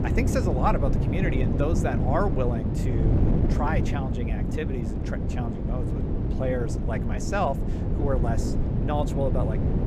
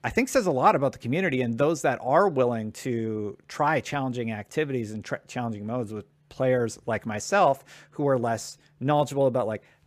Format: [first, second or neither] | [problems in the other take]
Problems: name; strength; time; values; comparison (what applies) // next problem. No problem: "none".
second | wind noise on the microphone; heavy; 4 dB below the speech